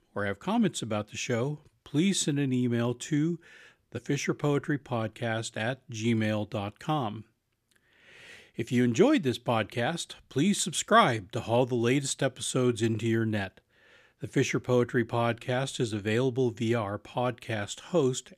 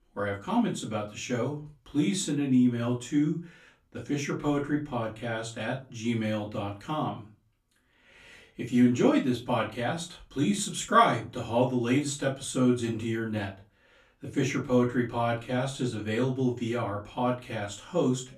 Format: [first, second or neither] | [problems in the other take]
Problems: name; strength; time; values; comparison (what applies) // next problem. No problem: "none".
first | off-mic speech; far // room echo; very slight; dies away in 0.2 s